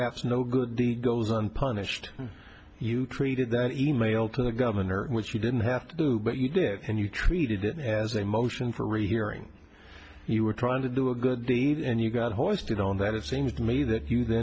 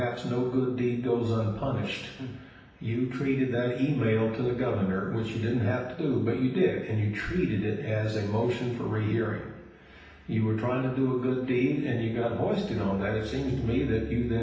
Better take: first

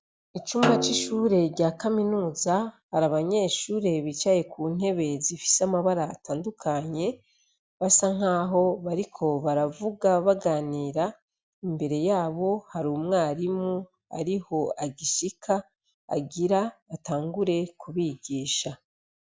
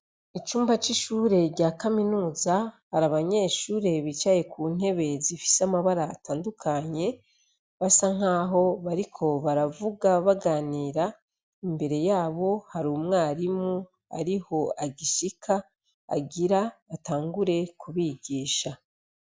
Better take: second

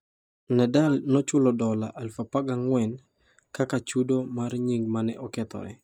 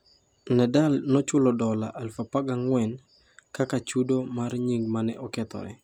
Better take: second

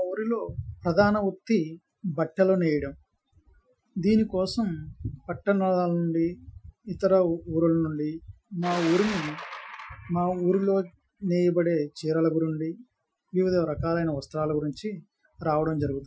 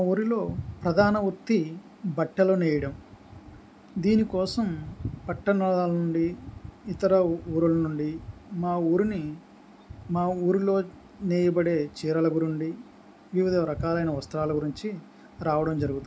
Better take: second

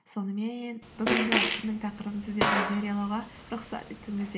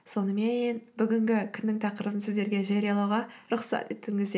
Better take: second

